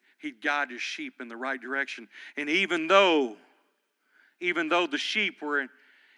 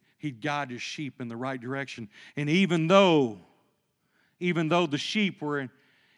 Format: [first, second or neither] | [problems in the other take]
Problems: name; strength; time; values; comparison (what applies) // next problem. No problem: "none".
second | thin; somewhat; fading below 250 Hz